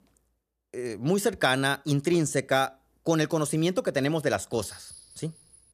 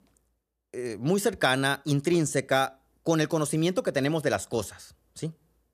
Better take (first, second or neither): second